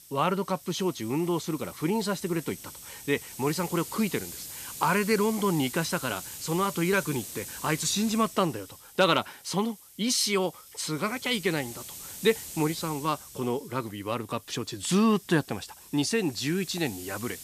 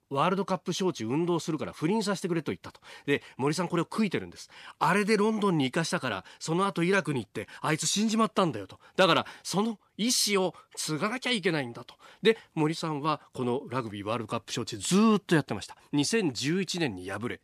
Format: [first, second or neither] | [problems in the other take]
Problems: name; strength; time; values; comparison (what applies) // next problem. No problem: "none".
second | hiss; noticeable; throughout; 10 dB below the speech